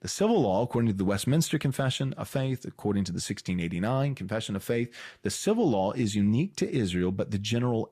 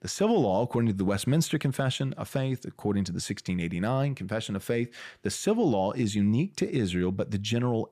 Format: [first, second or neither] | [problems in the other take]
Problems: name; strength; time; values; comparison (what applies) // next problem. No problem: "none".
second | garbled, watery; slightly; nothing above 14.5 kHz